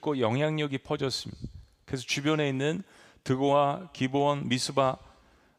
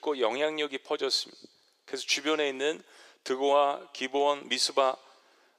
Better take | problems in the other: first | thin; somewhat; fading below 350 Hz

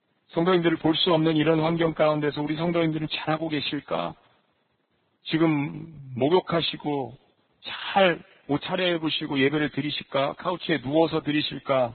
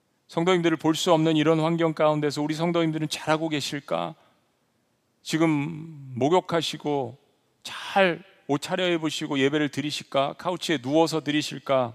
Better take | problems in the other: second | garbled, watery; badly; nothing above 4 kHz

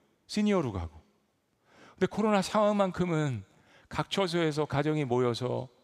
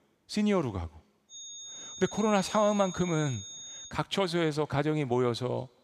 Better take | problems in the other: first | high-pitched whine; noticeable; from 1.5 to 4 s; 6.5 kHz, 10 dB below the speech

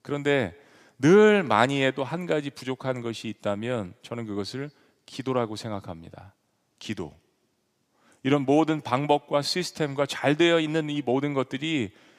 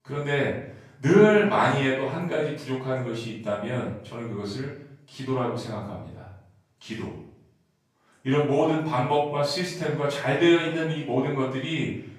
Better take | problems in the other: first | off-mic speech; far // room echo; noticeable; dies away in 0.6 s

